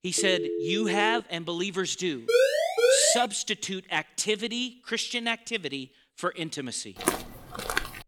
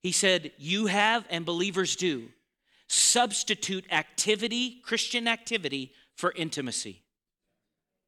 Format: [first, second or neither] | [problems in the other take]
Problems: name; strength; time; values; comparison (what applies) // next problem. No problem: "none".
second | phone ringing; noticeable; until 1 s; peak 2 dB below the speech // siren; loud; at 2.5 s; peak 6 dB above the speech // footsteps; noticeable; at 7 s; peak 1 dB below the speech